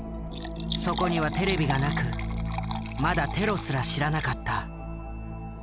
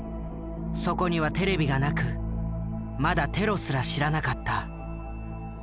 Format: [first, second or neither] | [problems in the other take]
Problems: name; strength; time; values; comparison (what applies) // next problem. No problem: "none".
second | background sound (Liquid); 11 dB below the speech